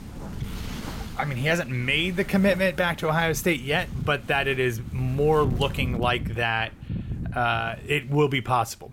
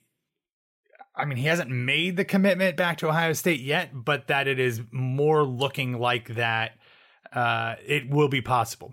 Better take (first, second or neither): second